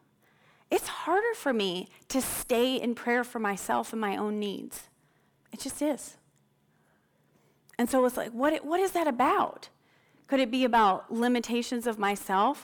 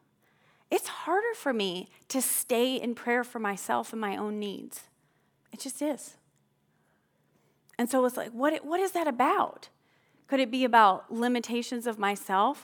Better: second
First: distortion; slight; 10 dB below the speech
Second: none

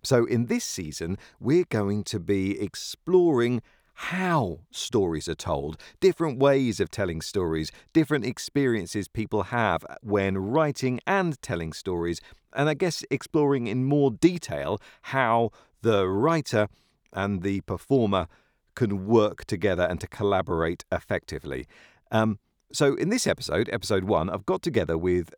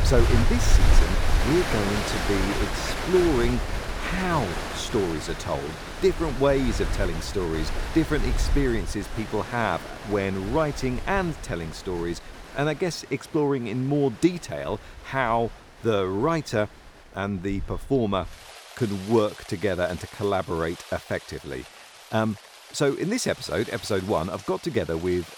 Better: first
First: none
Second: rain or running water; loud; throughout; 4 dB below the speech

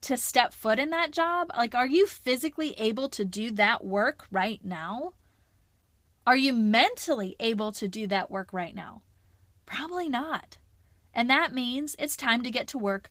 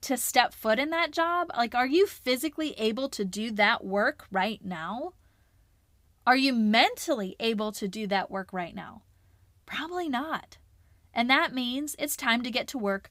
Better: second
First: garbled, watery; slightly; nothing above 15.5 kHz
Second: none

